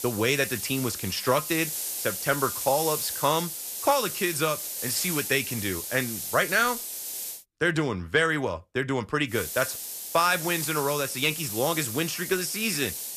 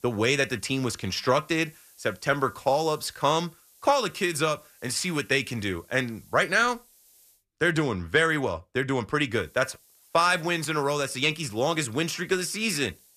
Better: second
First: hiss; loud; until 7.5 s and from 9.5 s on; 5 dB below the speech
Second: hiss; faint; until 7.5 s and from 9.5 s on; 30 dB below the speech

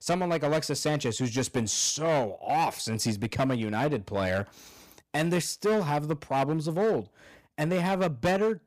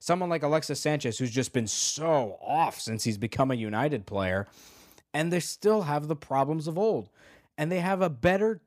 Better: second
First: distortion; slight; 10% of the sound clipped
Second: none

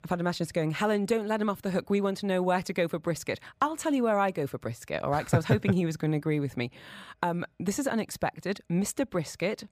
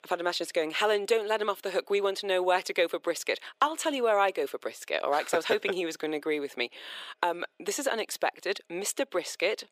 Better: first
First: none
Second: thin; very; fading below 400 Hz

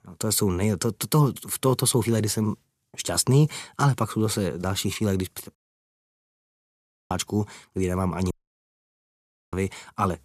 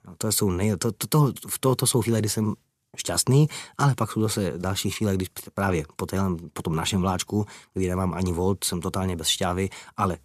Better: second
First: audio cutting out; at 5.5 s for 1.5 s and at 8.5 s for 1 s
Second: none

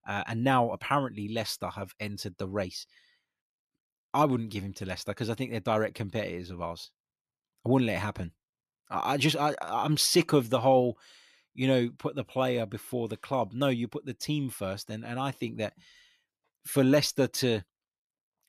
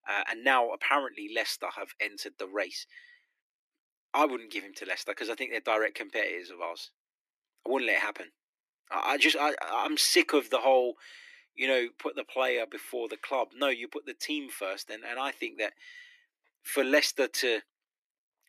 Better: first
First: none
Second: thin; somewhat; fading below 300 Hz

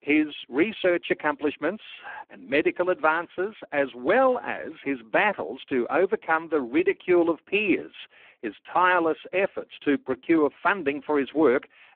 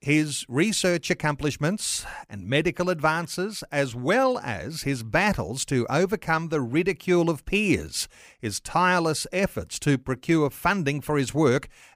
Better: second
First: phone-call audio; poor line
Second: none

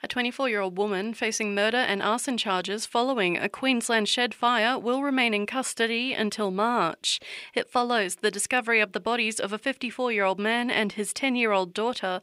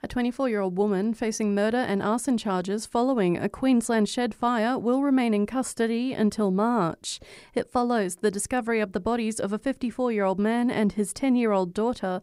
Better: second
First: thin; very slightly; fading below 500 Hz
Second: none

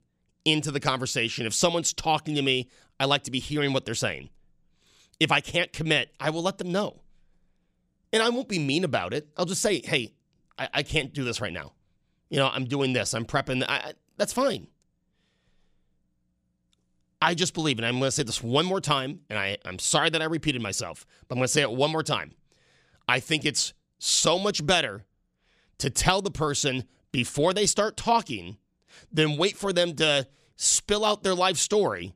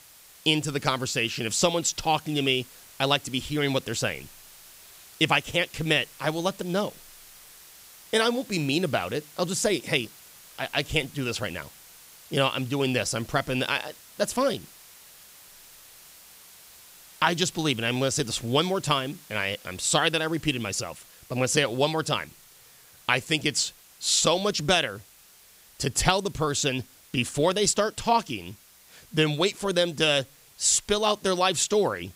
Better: first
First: none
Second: hiss; faint; throughout; 25 dB below the speech

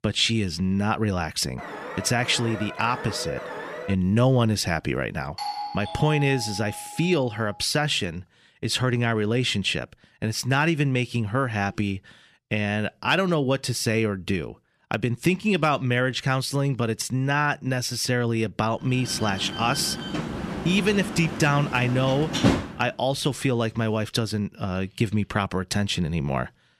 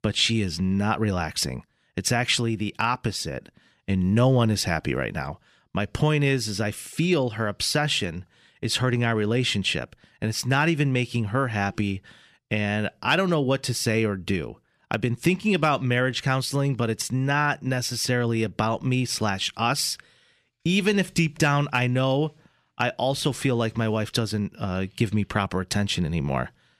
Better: second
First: alarm; noticeable; from 1.5 to 4 s; peak 9 dB below the speech // doorbell; noticeable; from 5.5 to 7.5 s; peak 6 dB below the speech // door banging; loud; from 19 to 23 s; peak 3 dB above the speech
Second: none

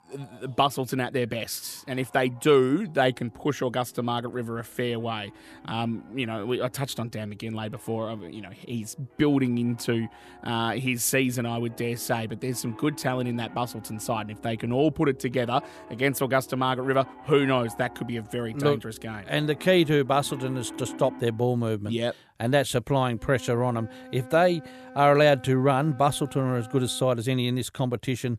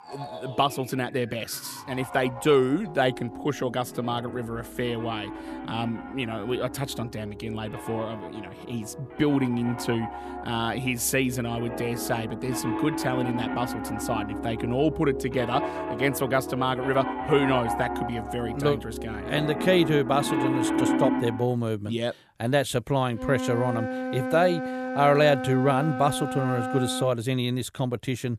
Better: first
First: background music; faint; throughout; 20 dB below the speech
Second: background music; loud; throughout; 6 dB below the speech

